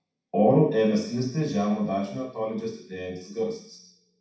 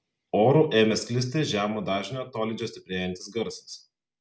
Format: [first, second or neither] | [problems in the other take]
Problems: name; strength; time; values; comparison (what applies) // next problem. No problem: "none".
second | room echo; dies away in 0.6 s